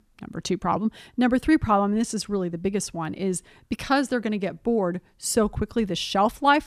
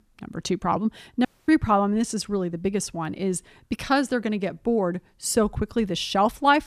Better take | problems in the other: first | audio cutting out; at 1.5 s

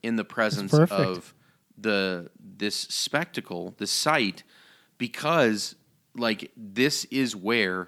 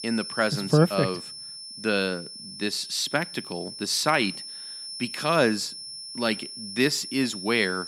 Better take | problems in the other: first | high-pitched whine; loud; throughout; 5.5 kHz, 10 dB below the speech

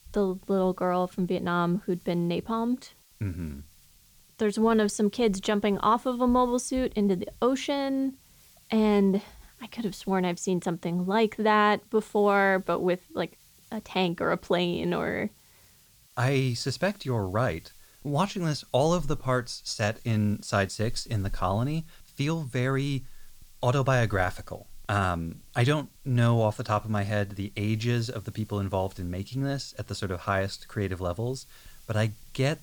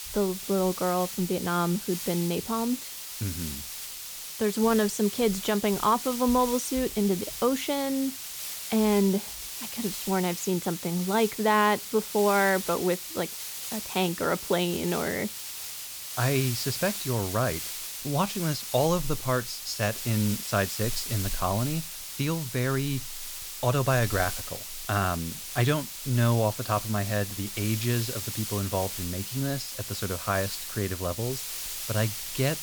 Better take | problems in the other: first | hiss; loud; throughout; 6 dB below the speech; faint in the first

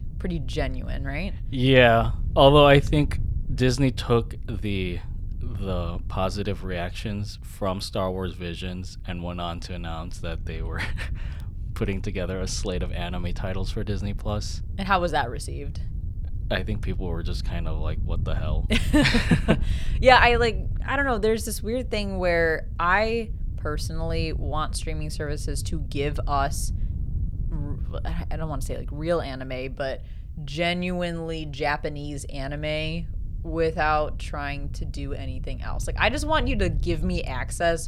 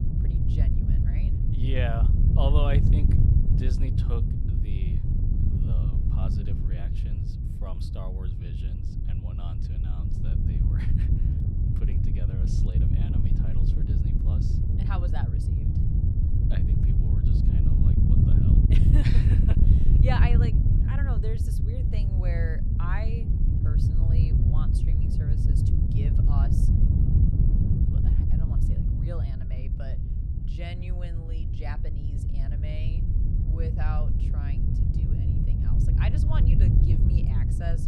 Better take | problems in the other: first | wind noise on the microphone; heavy; 1 dB above the speech; occasional gusts in the first

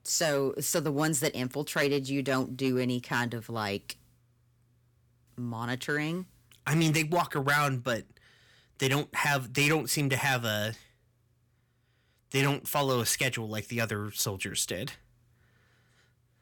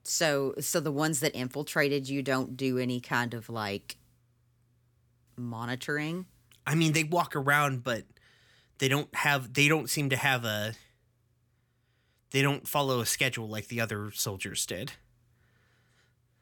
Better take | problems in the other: second | distortion; slight; 2% of the sound clipped

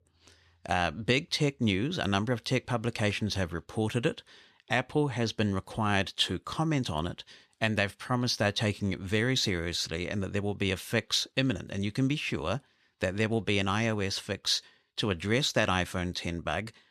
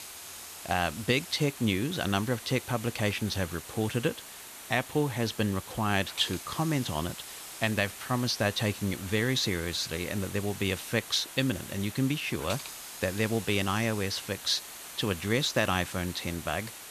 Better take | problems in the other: first | hiss; noticeable; throughout; 10 dB below the speech

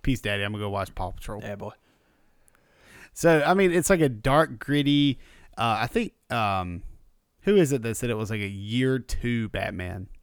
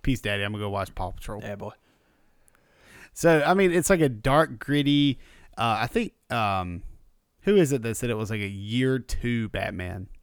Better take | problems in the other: neither | none

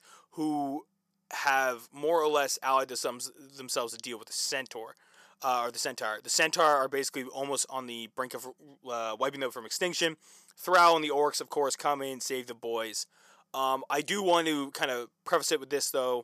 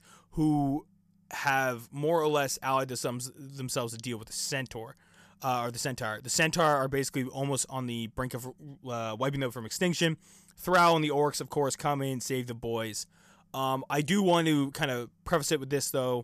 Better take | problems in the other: second | thin; somewhat; fading below 450 Hz

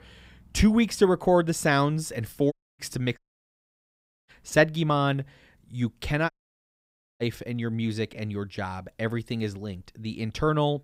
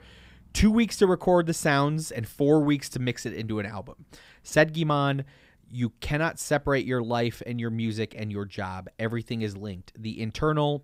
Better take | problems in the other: second | audio cutting out; at 2.5 s, at 3 s for 1 s and at 6.5 s for 1 s

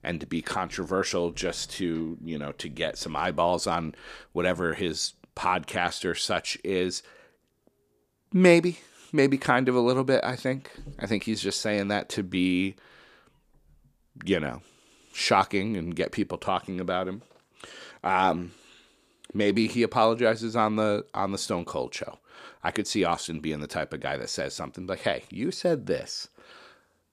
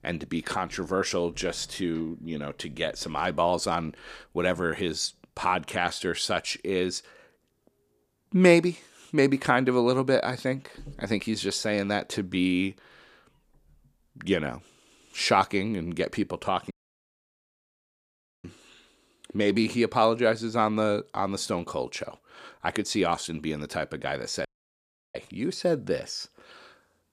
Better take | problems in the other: first | audio cutting out; at 17 s for 1.5 s and at 24 s for 0.5 s

